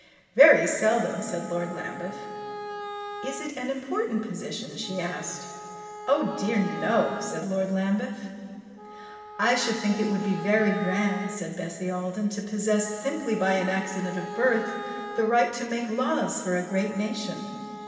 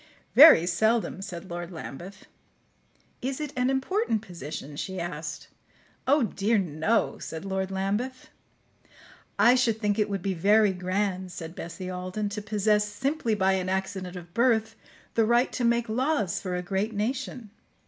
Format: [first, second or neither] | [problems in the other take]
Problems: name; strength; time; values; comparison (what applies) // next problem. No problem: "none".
second | background sound (Wind instrument, woodwind instrument); 13 dB below the speech // room echo; dies away in 2.4 s